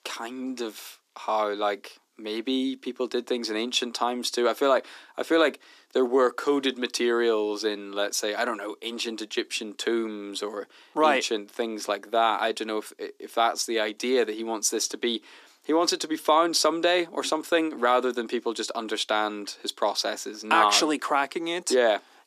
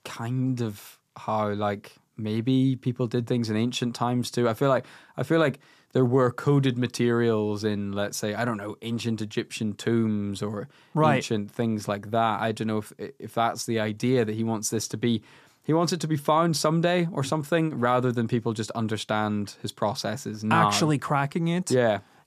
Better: second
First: thin; somewhat; fading below 300 Hz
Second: none

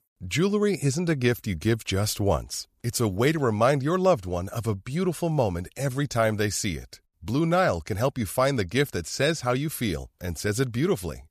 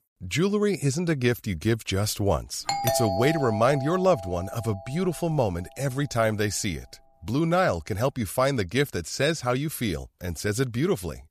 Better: first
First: none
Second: doorbell; loud; from 2.5 to 4.5 s; peak level with the speech

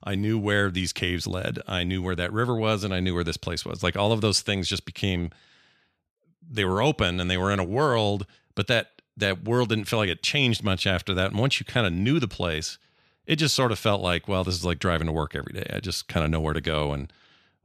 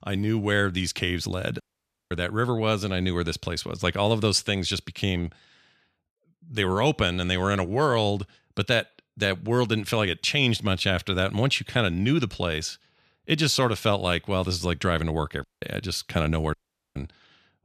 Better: first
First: none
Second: audio cutting out; at 1.5 s for 0.5 s, at 15 s and at 17 s

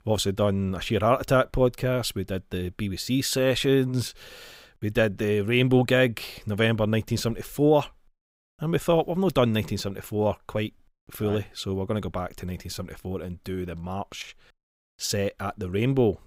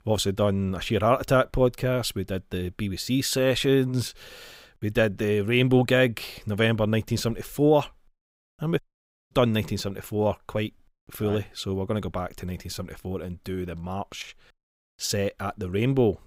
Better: first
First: none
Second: audio cutting out; at 9 s for 0.5 s

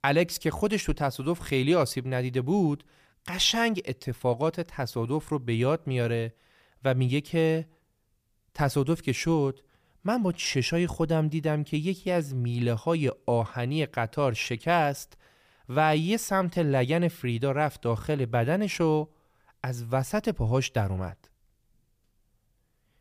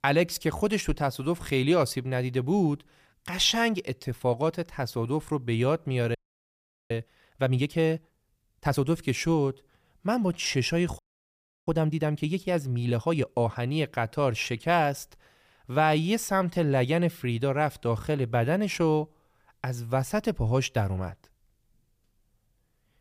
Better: first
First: none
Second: audio freezing; at 6 s for 1 s and at 11 s for 0.5 s

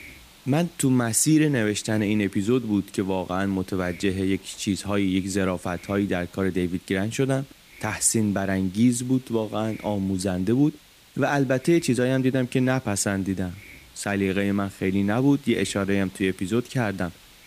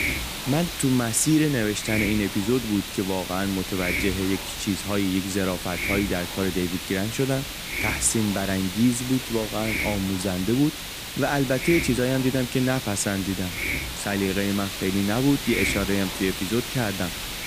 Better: first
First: hiss; faint; throughout; 25 dB below the speech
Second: hiss; loud; throughout; 4 dB below the speech

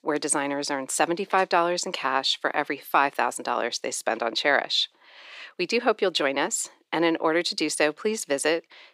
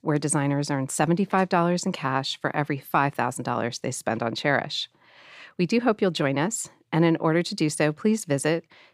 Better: second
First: thin; somewhat; fading below 350 Hz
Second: none

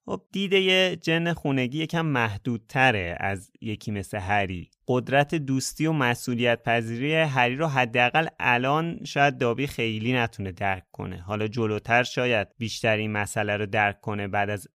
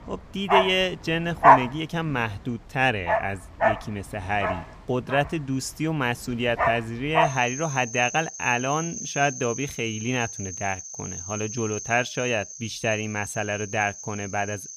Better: first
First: none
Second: animal sounds; loud; throughout; 1 dB below the speech

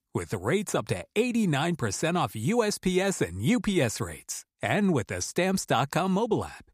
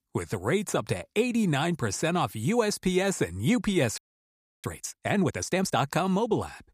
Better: first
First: none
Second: audio freezing; at 4 s for 0.5 s

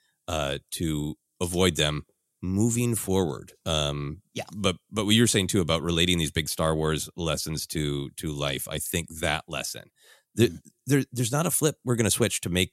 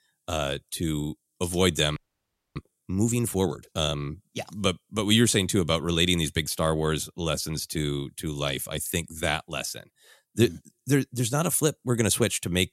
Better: first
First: none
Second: audio freezing; at 2 s for 0.5 s

